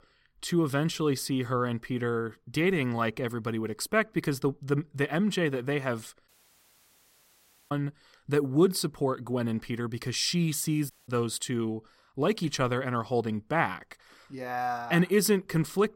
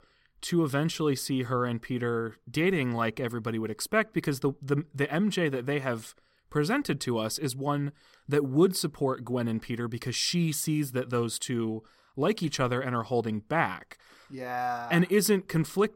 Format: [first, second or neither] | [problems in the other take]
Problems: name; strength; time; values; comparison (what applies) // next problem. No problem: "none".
second | audio cutting out; at 6.5 s for 1.5 s and at 11 s